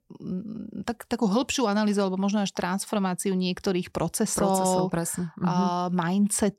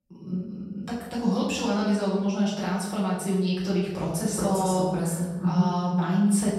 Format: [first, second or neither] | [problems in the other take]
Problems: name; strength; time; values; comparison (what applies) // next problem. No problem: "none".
first | room echo; noticeable; dies away in 1.2 s // off-mic speech; far